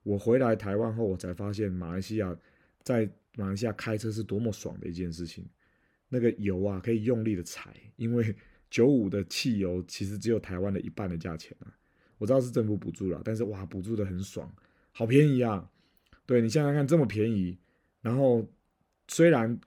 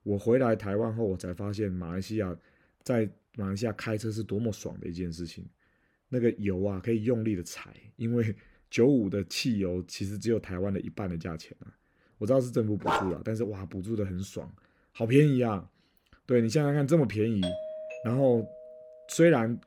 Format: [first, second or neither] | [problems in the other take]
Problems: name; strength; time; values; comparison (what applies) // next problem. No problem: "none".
first | dog barking; noticeable; at 13 s; peak 1 dB below the speech // doorbell; noticeable; from 17 to 19 s; peak 7 dB below the speech